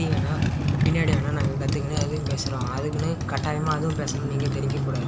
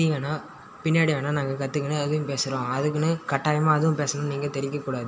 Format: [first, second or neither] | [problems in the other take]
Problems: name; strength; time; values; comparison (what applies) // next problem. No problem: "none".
second | background sound (Motorcycle); 4 dB above the speech